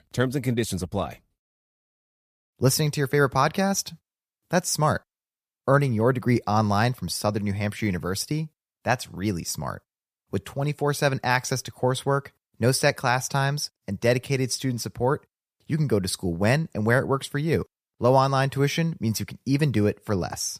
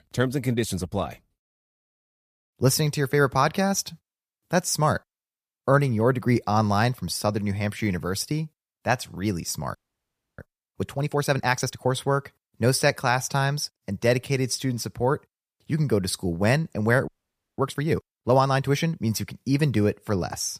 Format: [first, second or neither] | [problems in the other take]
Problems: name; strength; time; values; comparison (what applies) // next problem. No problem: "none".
first | audio freezing; at 10 s for 0.5 s and at 17 s for 0.5 s